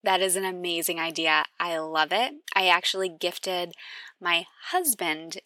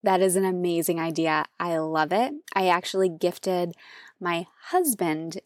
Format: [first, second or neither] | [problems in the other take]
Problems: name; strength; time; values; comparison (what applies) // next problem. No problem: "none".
second | thin; somewhat; fading below 900 Hz